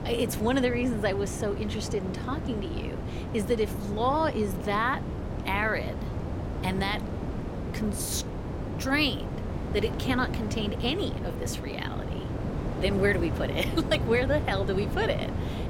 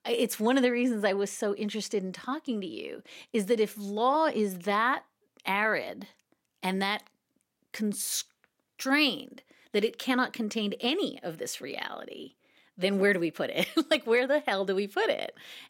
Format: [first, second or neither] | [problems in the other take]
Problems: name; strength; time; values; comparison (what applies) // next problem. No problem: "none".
second | wind noise on the microphone; heavy; 9 dB below the speech